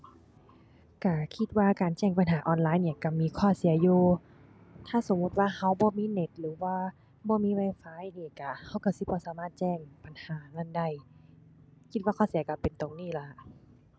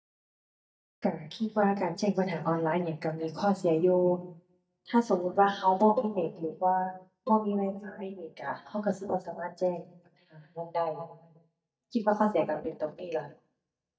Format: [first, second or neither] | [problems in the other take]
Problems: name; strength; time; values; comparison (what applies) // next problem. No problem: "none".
first | noise reduction (neural mask model DeepFilterNet 3)